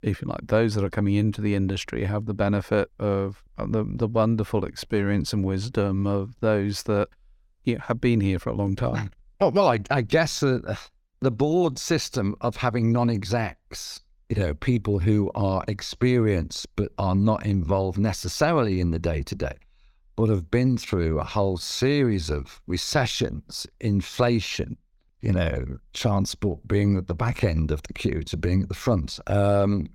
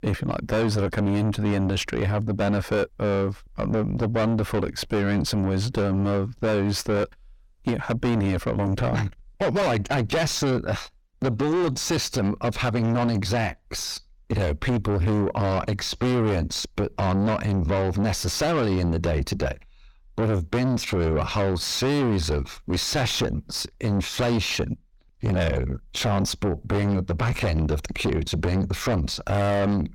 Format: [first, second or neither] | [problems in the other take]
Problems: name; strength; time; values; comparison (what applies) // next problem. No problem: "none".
first | distortion; heavy; 5 dB below the speech